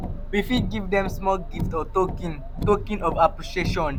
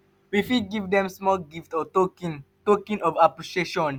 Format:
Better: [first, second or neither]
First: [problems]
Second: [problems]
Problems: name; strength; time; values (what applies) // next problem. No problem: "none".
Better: second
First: background sound (Car); 4 dB below the speech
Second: none